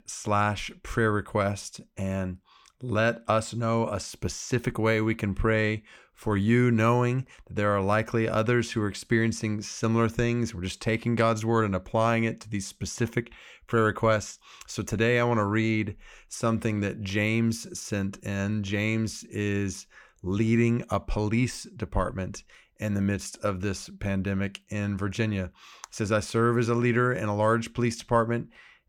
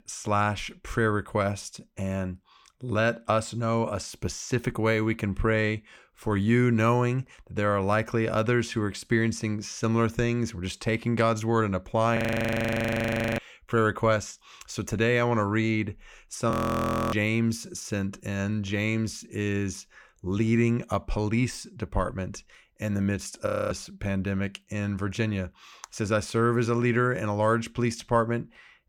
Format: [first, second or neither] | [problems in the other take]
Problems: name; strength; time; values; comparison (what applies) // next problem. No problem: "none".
first | audio freezing; at 12 s for 1 s, at 17 s for 0.5 s and at 23 s